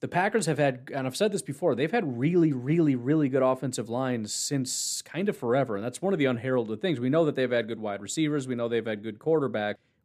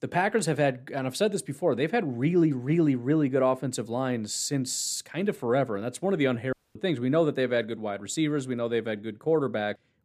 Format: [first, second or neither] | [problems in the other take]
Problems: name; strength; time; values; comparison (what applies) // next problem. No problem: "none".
first | audio cutting out; at 6.5 s